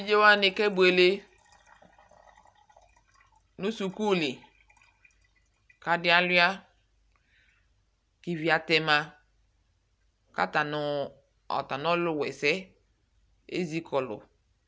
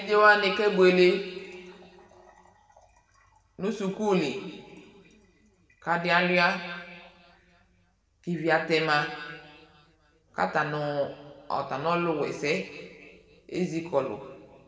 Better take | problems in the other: first | room echo; dies away in 1.6 s

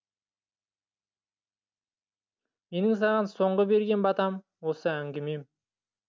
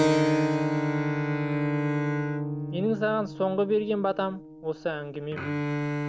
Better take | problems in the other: first | background sound (Bowed string instrument + Keyboard (musical)); 3 dB above the speech

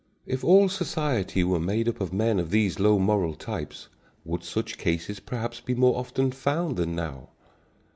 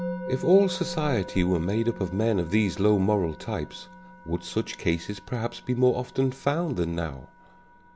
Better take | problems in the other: first | background sound (Musical instrument); 14 dB below the speech

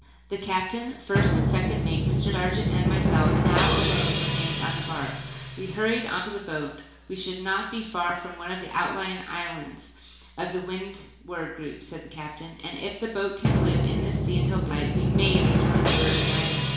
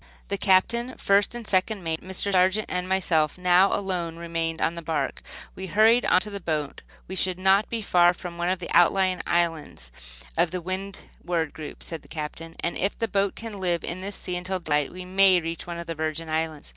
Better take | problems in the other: second | background sound (Drum); 4 dB above the speech // room echo; dies away in 0.7 s

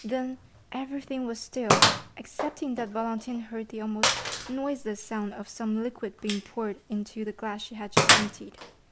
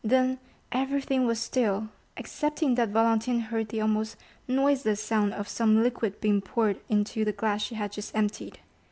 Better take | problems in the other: second | background sound (Gunshot, gunfire); 3 dB above the speech

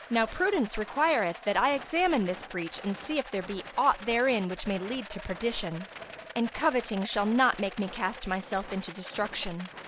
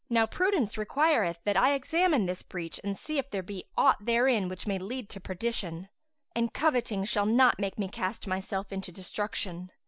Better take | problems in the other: second | background sound (Rattle); 15 dB below the speech

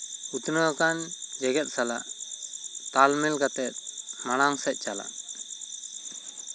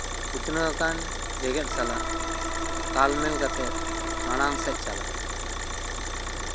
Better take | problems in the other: first | background sound (Idling / Car + Organ); as loud as the speech

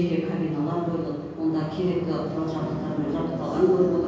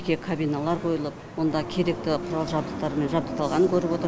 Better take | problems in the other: second | room echo; dies away in 1.3 s

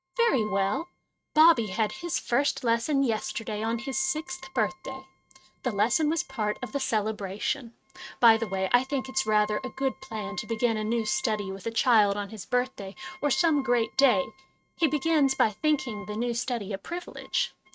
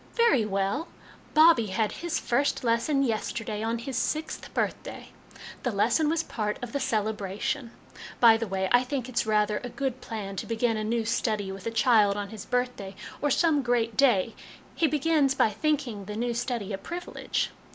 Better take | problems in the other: second | noise reduction (neural mask model RNNoise)

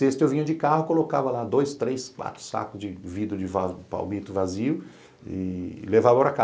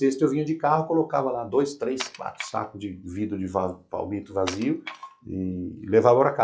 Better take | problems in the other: first | noise reduction (classical method log-MMSE)

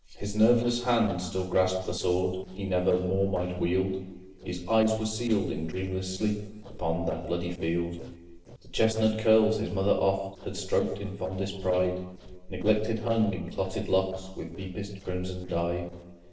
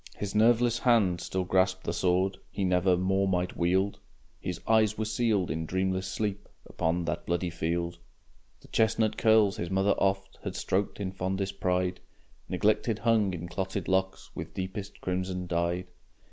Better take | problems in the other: second | noise reduction (neural separator model SepFormer DNS4)

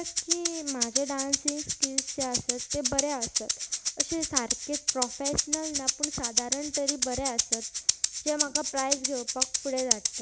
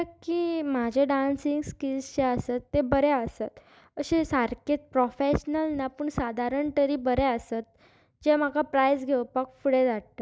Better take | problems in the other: second | background sound (Rattle (instrument)); 4 dB above the speech

